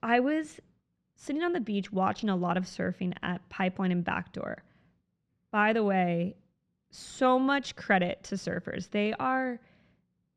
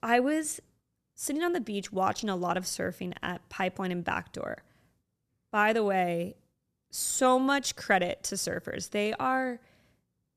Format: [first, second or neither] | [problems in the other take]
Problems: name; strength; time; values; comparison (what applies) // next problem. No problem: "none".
second | muffled; slightly; fading above 3 kHz